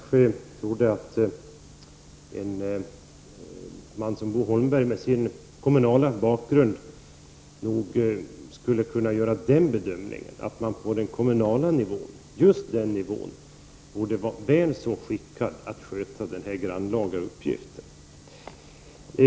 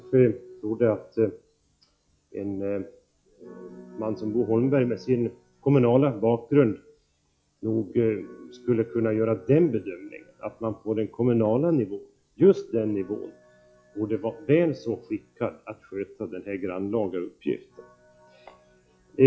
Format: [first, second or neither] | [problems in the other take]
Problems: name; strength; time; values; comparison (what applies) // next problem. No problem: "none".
first | noise reduction (classical method log-MMSE)